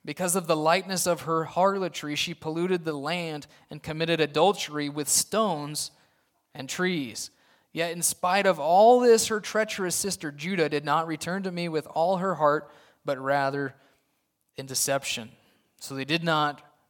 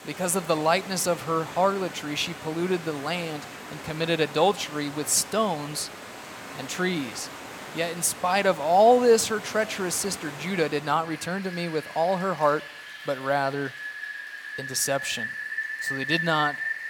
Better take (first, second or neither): first